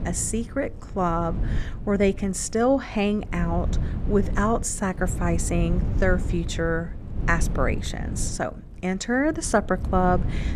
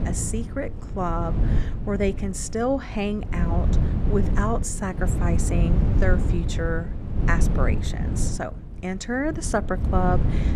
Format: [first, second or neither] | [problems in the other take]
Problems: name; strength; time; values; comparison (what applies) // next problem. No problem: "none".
first | wind noise on the microphone; heavy; 8 dB below the speech; occasional gusts in the first